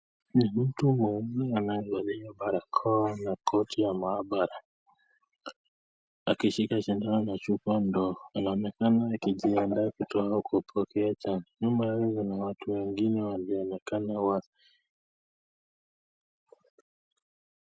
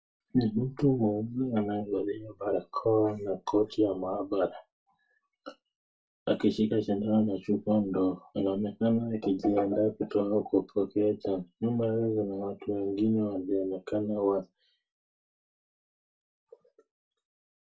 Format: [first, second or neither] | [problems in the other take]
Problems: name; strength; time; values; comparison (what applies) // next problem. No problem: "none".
first | room echo; dies away in 0.2 s